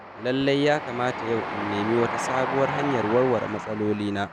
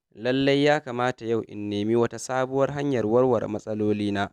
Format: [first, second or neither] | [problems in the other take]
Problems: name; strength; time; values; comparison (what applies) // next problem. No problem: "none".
second | background sound (Train); 6 dB below the speech